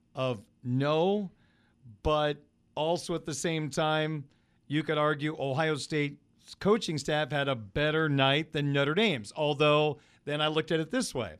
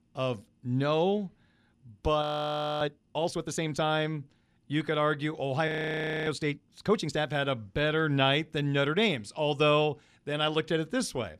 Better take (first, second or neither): first